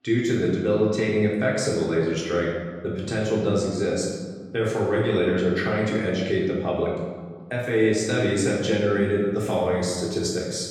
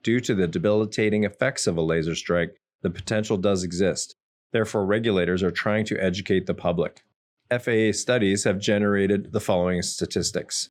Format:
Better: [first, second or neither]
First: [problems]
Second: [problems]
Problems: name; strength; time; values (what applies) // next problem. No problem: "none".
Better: second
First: room echo; noticeable; dies away in 1.3 s // off-mic speech; far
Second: none